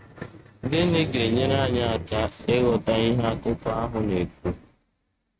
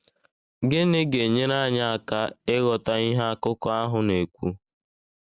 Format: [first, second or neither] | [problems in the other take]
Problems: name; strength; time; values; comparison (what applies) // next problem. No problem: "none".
second | noise reduction (neural mask model RNNoise)